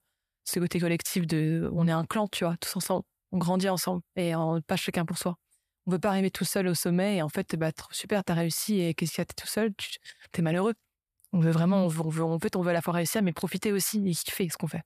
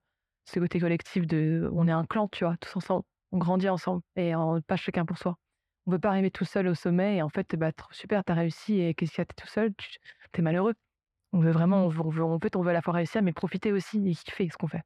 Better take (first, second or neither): first